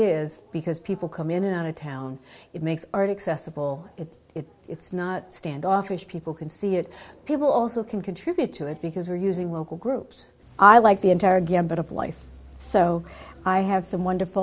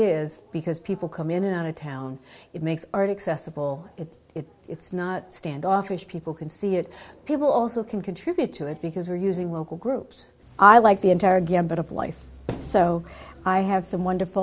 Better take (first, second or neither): first